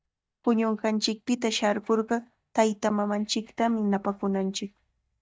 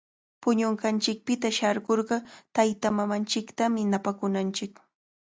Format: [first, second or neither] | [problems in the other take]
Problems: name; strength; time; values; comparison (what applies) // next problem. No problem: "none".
second | noise reduction (neural mask model DeepFilterNet 3)